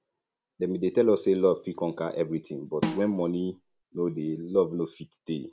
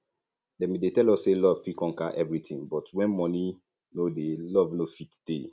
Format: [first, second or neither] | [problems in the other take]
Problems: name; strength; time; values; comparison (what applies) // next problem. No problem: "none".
second | background sound (Snare drum); 6 dB below the speech